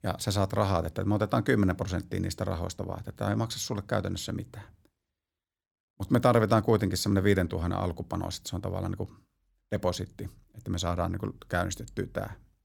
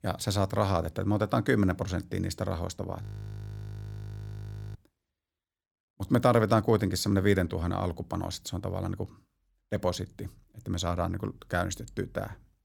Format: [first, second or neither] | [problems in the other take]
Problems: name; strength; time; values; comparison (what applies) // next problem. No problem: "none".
first | audio freezing; at 3 s for 1.5 s